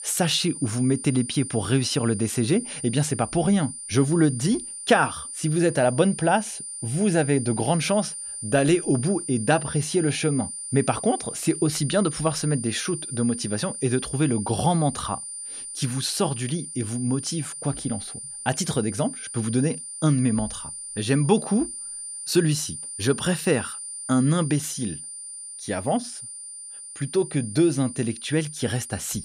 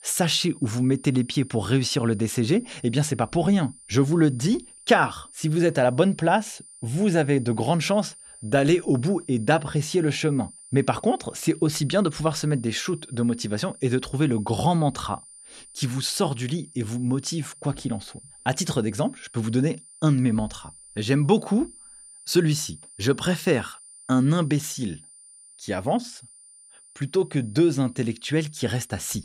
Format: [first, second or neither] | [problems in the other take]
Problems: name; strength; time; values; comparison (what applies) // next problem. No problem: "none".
second | high-pitched whine; loud; throughout; 9 kHz, 9 dB below the speech; faint in the second